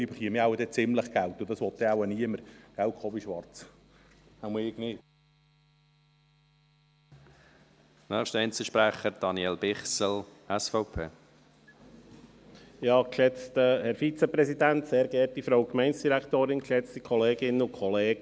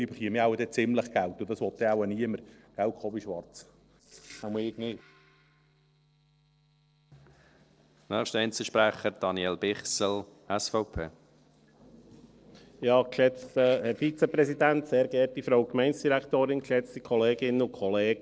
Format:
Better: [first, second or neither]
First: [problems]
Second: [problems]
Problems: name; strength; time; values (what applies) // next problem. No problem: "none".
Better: first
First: none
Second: noise reduction (neural separator model SepFormer DNS4)